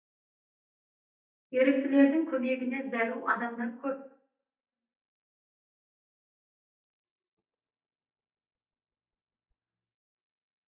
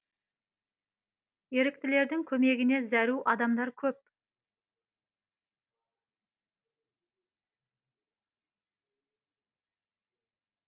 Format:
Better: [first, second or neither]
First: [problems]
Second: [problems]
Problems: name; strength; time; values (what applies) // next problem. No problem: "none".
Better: second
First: noise reduction (neural mask model DeepFilterNet 3)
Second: none